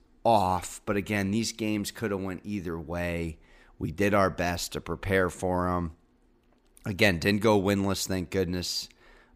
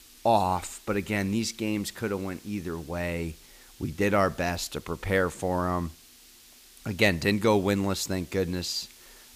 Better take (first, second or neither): first